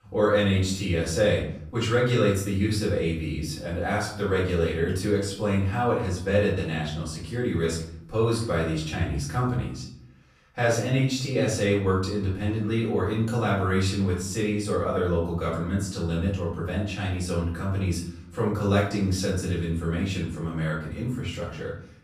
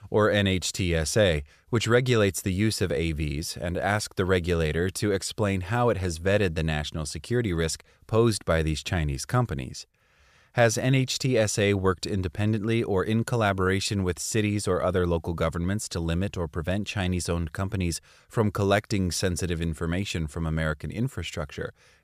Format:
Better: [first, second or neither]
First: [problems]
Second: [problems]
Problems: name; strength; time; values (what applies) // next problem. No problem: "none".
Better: second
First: off-mic speech; far // room echo; noticeable; dies away in 0.6 s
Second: none